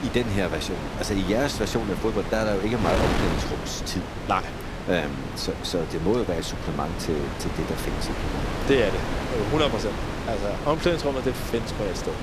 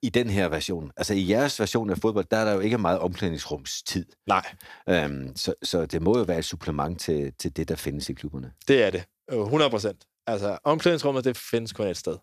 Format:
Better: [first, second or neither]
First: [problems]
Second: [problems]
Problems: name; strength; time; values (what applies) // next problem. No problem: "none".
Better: second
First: wind noise on the microphone; heavy; 4 dB below the speech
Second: none